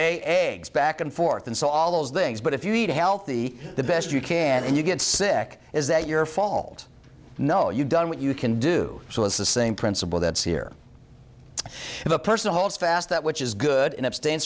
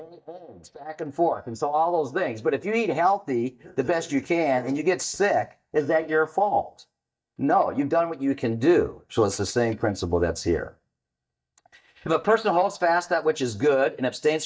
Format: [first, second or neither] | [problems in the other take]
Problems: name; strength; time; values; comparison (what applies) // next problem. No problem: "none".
first | noise reduction (neural mask model DeepFilterNet 3)